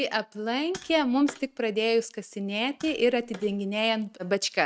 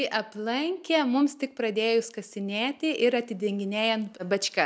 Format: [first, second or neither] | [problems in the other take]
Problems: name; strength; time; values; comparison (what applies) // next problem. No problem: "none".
second | noise reduction (neural mask model RNNoise)